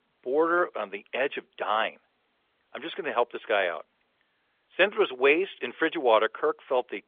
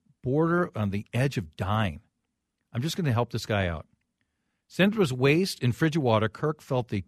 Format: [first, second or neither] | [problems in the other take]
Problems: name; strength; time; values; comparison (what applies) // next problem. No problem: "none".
second | phone-call audio; nothing above 3.5 kHz